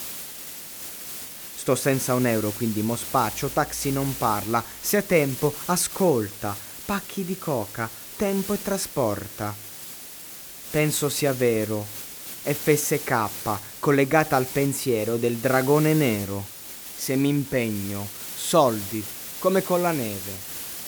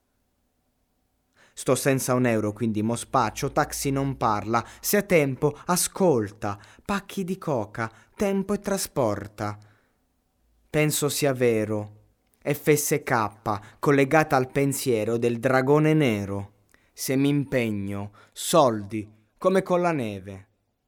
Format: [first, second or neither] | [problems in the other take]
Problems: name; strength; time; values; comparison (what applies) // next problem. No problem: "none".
second | hiss; loud; throughout; 9 dB below the speech